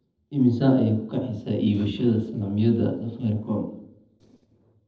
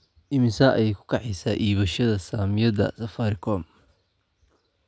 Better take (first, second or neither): second